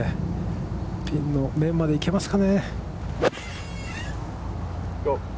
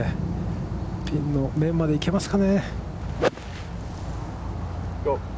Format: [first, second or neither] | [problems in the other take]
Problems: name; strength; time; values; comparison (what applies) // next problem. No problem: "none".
second | background sound (Squeak); 15 dB below the speech